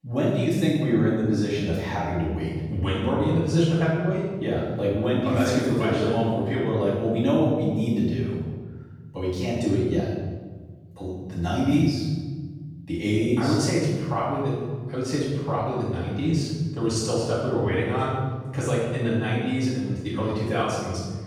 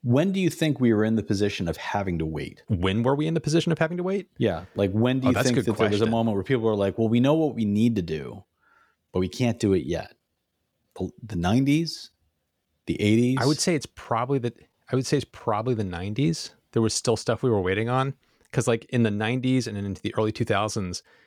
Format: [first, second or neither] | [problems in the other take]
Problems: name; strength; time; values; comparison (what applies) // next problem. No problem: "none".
second | off-mic speech; far // room echo; strong; dies away in 1.7 s